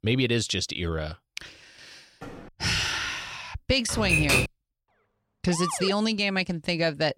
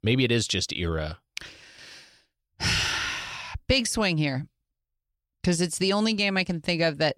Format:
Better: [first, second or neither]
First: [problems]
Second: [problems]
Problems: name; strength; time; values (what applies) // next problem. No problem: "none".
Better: second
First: door banging; faint; at 2 s; peak 15 dB below the speech // keyboard typing; loud; at 4 s; peak 5 dB above the speech // siren; noticeable; at 5.5 s; peak 6 dB below the speech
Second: none